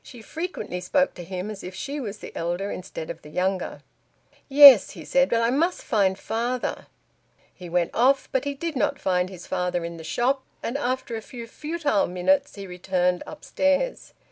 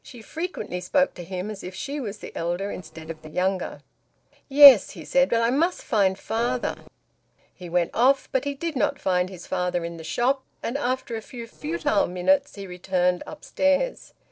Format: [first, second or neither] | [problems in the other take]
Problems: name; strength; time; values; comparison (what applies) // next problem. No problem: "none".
first | noise reduction (neural separator model SepFormer DNS4)